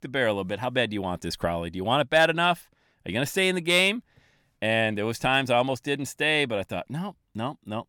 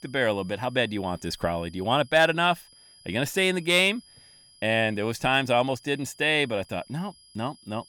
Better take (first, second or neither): first